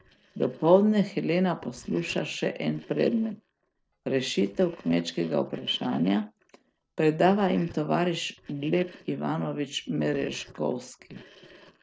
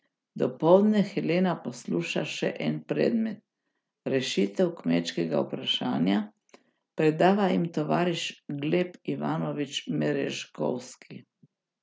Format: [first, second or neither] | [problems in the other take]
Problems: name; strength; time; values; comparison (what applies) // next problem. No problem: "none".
second | noise reduction (neural separator model SepFormer DNS4)